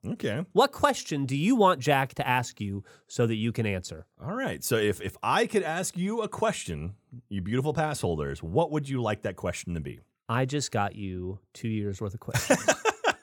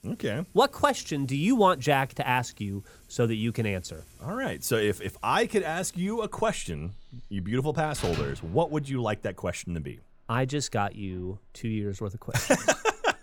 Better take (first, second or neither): first